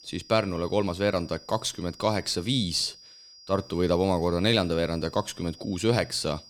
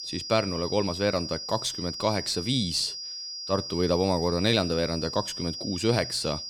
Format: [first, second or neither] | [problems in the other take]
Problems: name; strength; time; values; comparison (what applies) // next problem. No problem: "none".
first | high-pitched whine; loud; throughout; 5 kHz, 7 dB below the speech; faint in the first